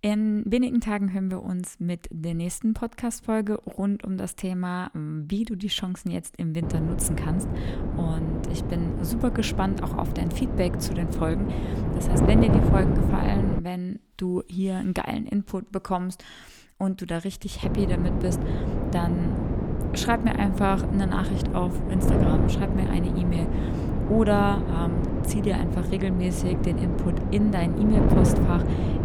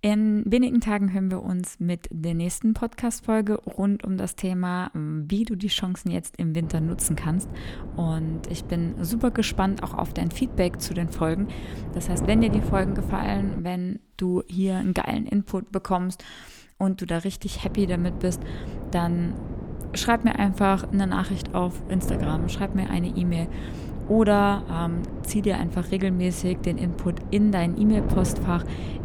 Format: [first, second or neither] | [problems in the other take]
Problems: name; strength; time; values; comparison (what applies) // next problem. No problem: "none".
second | wind noise on the microphone; heavy; from 6.5 to 14 s and from 18 s on; 1 dB below the speech; occasional gusts in the second